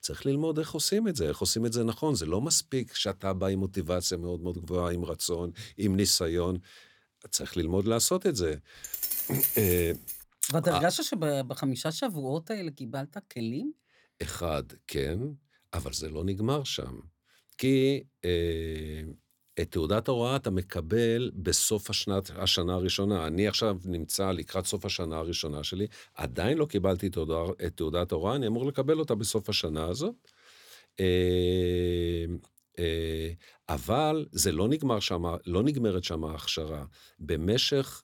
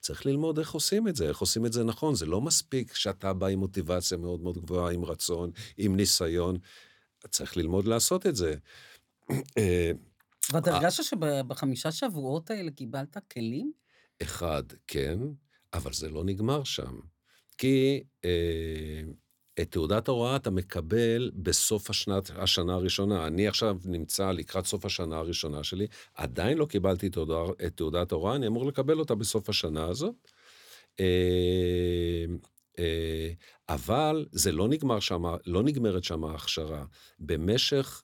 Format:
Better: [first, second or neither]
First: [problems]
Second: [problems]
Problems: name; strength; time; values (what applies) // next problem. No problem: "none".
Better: second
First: jangling keys; loud; from 9 to 10 s; peak 4 dB above the speech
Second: none